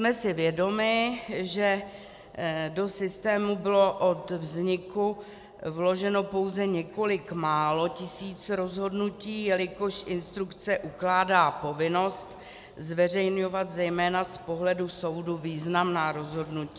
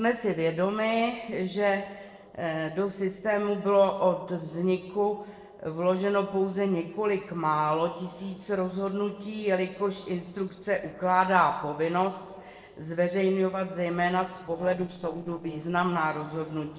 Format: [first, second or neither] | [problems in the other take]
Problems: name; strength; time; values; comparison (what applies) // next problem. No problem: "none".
first | noise reduction (neural separator model SepFormer DNS4)